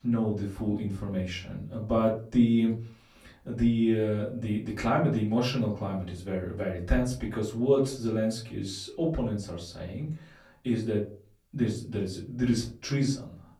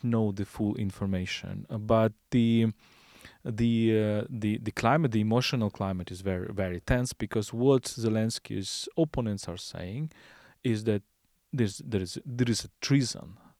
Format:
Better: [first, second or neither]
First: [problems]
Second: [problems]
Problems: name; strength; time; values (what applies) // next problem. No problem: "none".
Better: second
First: room echo; slight; dies away in 0.3 s // off-mic speech; far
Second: none